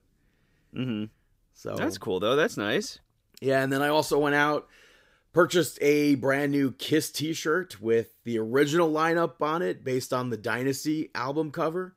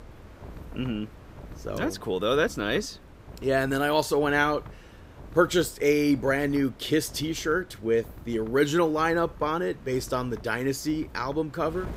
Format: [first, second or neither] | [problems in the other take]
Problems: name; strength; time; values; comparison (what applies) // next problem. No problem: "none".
first | wind noise on the microphone; occasional gusts; 25 dB below the speech